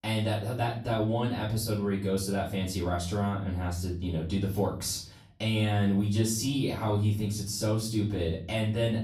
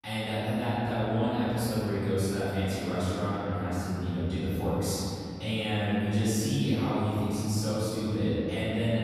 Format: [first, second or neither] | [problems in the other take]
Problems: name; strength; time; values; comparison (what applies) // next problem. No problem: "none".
first | room echo; strong; dies away in 3 s; slight in the first // off-mic speech; far; far in the first